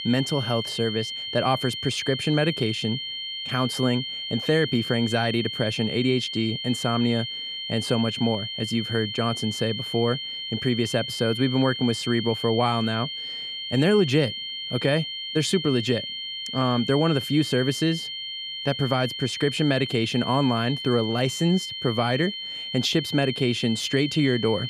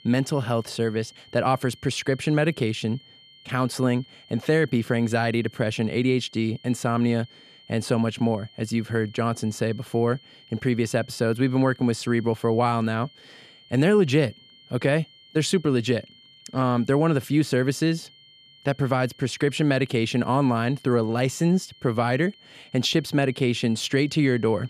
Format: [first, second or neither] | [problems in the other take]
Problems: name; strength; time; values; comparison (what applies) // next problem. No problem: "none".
second | high-pitched whine; loud; throughout; 3 kHz, 5 dB below the speech; faint in the second